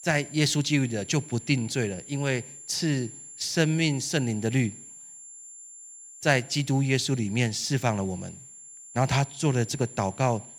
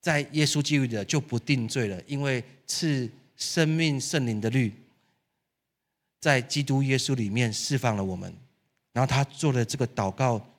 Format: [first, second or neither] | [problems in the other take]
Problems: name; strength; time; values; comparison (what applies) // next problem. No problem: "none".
second | high-pitched whine; noticeable; throughout; 7.5 kHz, 15 dB below the speech